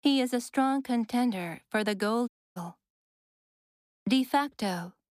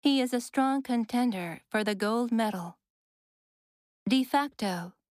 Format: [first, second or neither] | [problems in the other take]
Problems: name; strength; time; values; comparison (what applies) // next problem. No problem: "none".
second | audio cutting out; at 2.5 s